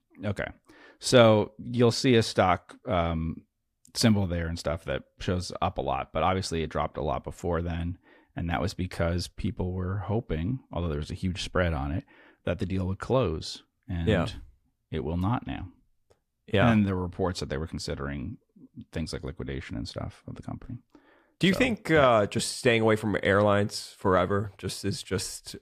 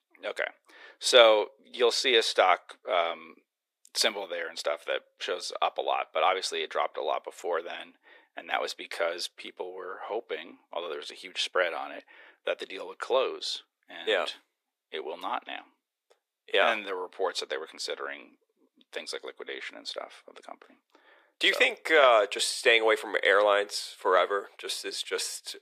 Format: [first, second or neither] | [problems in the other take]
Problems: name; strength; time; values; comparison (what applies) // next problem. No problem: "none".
first | thin; very; fading below 400 Hz